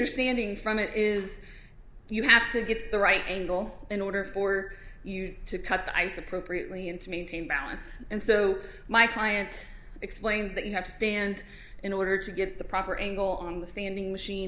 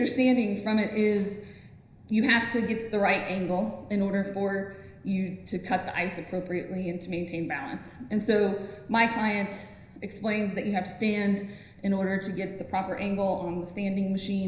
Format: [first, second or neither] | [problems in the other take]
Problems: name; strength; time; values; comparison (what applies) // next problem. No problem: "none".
first | room echo; dies away in 0.9 s